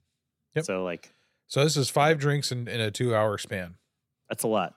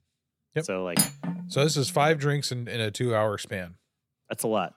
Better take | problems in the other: first | clattering dishes; loud; at 1 s; peak 2 dB above the speech

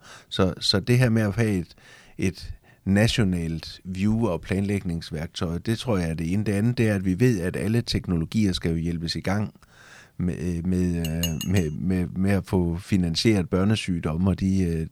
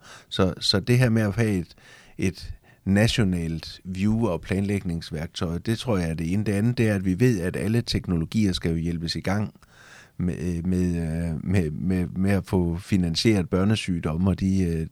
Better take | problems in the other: second | clattering dishes; noticeable; at 11 s; peak 6 dB below the speech

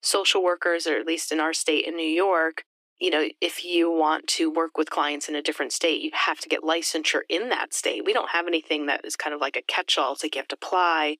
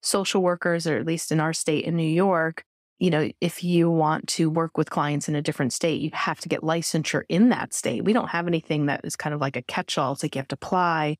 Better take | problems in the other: second | thin; very; fading below 300 Hz

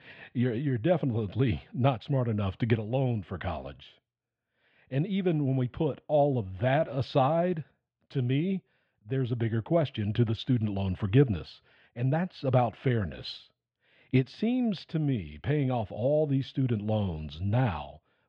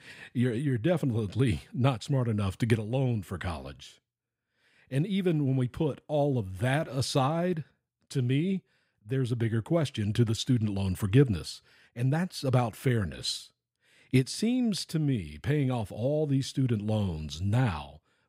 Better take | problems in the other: second | muffled; very; fading above 3.5 kHz

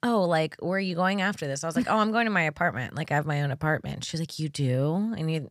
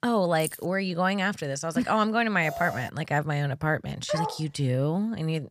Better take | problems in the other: first | jangling keys; noticeable; at 0.5 s; peak 10 dB below the speech // alarm; noticeable; at 2.5 s; peak 8 dB below the speech // dog barking; noticeable; at 4 s; peak 4 dB below the speech

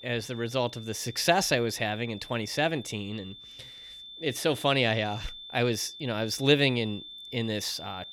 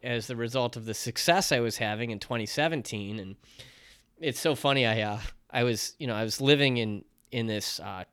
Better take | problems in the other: second | high-pitched whine; noticeable; throughout; 3.5 kHz, 15 dB below the speech

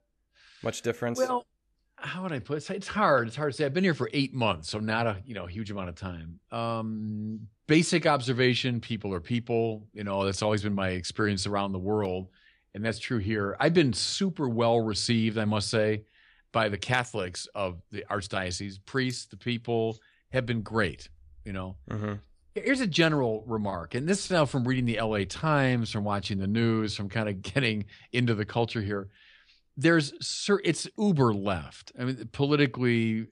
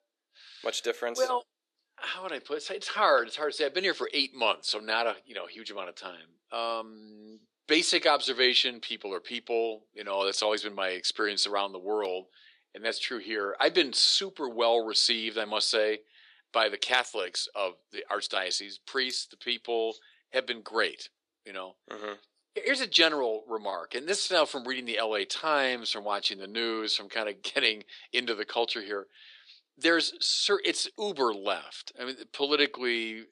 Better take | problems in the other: first | thin; very; fading below 350 Hz

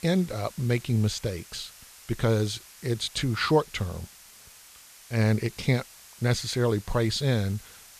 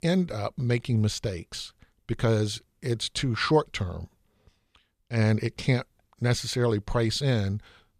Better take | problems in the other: second | hiss; noticeable; throughout; 20 dB below the speech

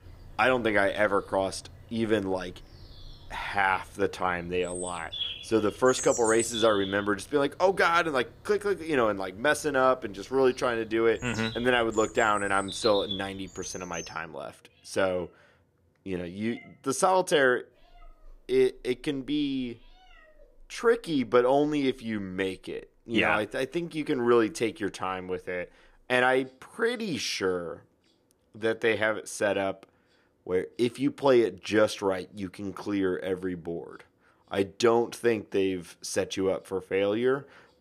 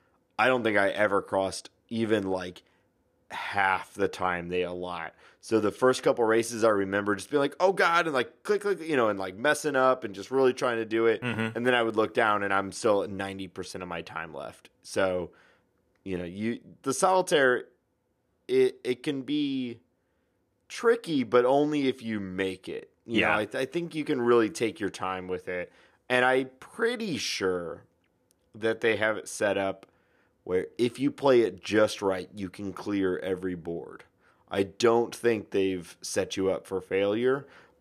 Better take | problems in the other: second | animal sounds; noticeable; throughout; 10 dB below the speech

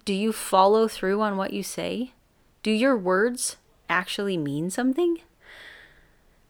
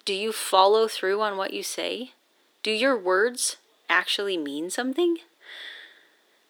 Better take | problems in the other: first | thin; somewhat; fading below 300 Hz

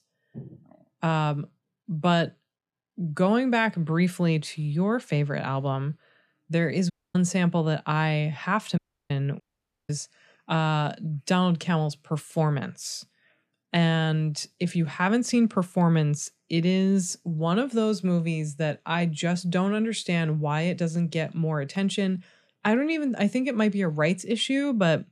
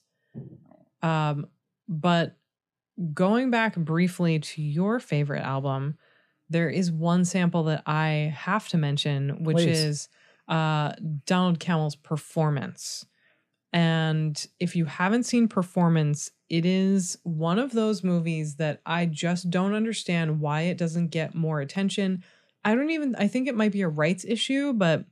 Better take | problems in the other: second | audio cutting out; at 7 s, at 9 s and at 9.5 s

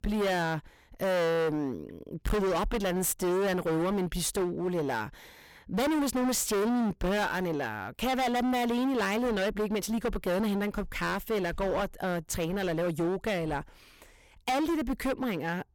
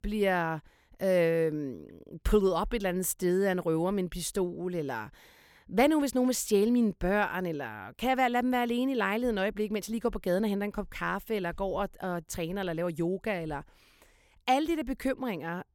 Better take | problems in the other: second | distortion; heavy; 26% of the sound clipped

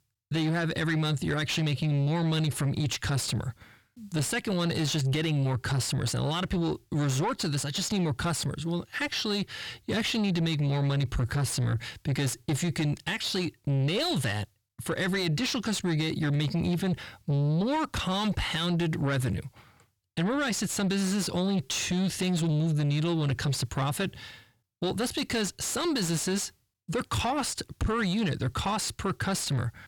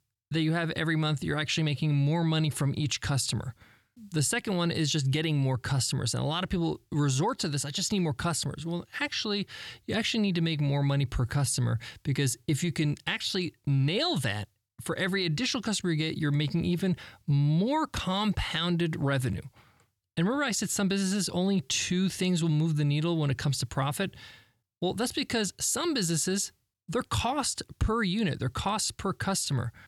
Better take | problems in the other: second | distortion; slight; 10 dB below the speech

